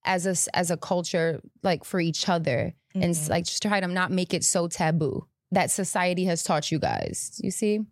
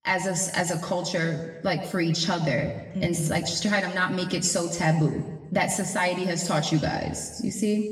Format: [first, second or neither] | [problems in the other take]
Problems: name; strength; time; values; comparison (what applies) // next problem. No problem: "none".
first | room echo; slight; dies away in 0.9 s // off-mic speech; far